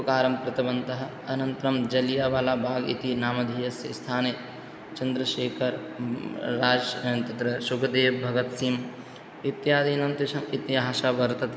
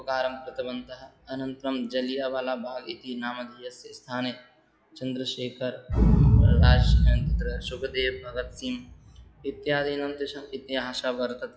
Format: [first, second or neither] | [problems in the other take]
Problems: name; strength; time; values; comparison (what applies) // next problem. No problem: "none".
first | noise reduction (classical method log-MMSE)